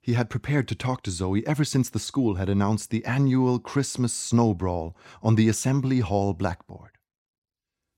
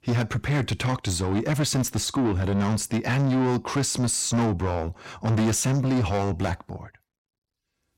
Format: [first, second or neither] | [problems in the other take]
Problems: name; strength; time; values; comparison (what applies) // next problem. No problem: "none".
first | distortion; heavy; 7 dB below the speech